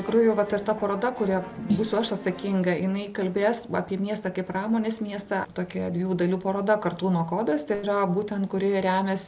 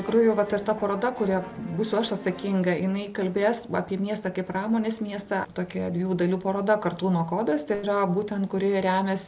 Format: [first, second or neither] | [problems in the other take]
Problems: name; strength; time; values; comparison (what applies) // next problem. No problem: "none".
second | background sound (Snare drum); 8 dB below the speech